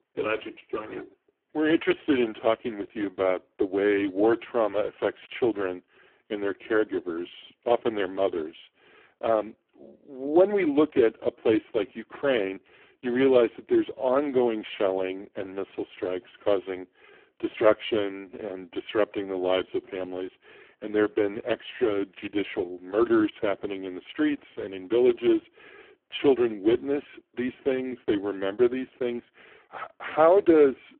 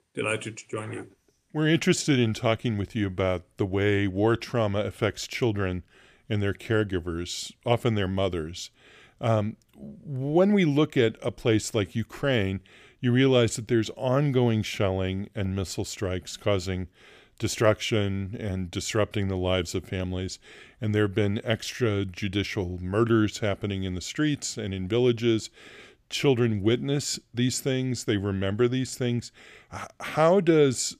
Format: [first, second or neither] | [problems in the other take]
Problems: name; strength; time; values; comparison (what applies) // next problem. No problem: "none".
second | phone-call audio; poor line